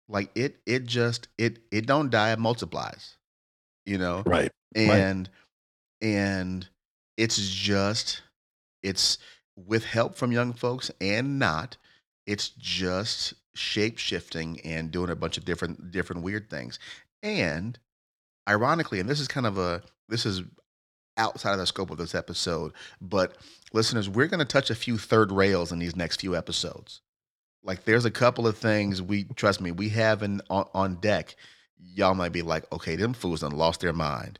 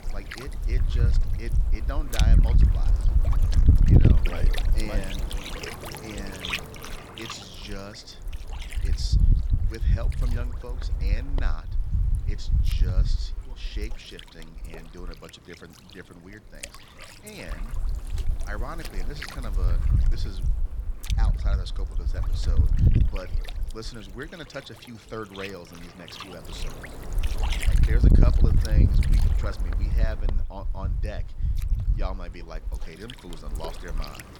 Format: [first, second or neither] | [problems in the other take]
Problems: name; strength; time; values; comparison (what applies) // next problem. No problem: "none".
first | wind noise on the microphone; heavy; 2 dB above the speech